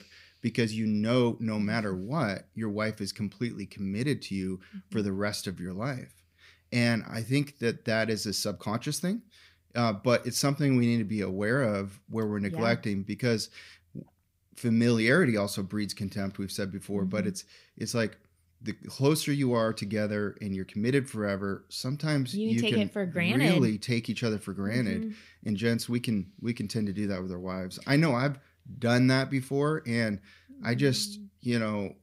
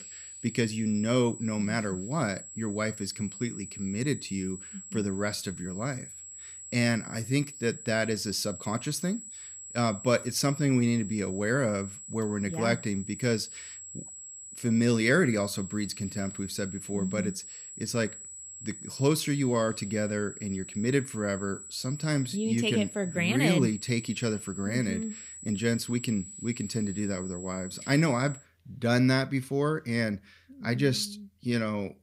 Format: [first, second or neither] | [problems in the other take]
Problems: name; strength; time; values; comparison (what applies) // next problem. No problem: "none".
first | high-pitched whine; noticeable; until 28 s; 8 kHz, 10 dB below the speech